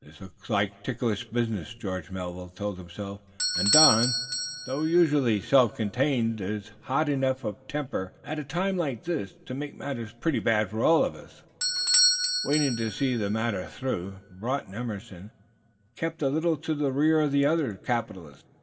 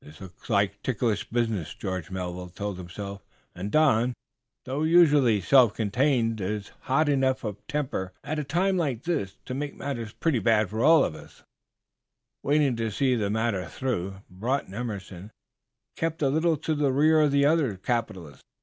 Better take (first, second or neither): second